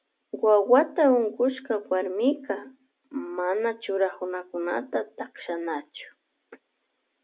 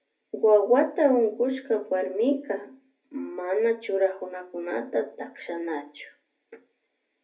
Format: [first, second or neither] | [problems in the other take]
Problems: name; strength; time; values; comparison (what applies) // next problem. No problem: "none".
first | room echo; dies away in 0.3 s